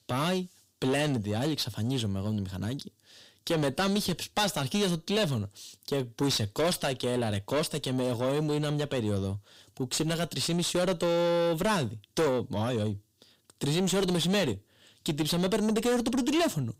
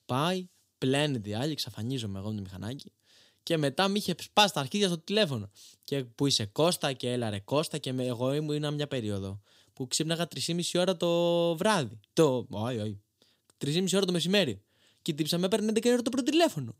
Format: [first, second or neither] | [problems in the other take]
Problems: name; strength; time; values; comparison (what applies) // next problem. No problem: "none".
second | distortion; heavy; 5 dB below the speech